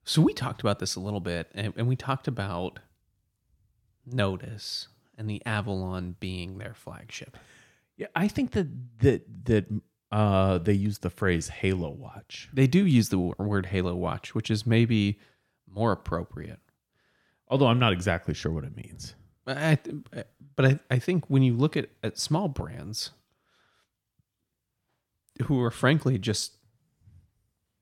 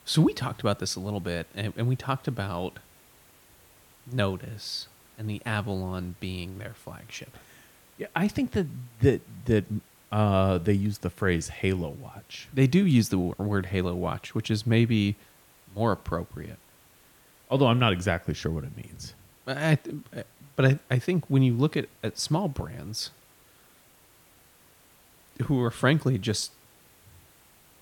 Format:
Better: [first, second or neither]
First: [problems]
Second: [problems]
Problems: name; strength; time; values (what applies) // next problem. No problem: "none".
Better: first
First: none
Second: hiss; faint; throughout; 30 dB below the speech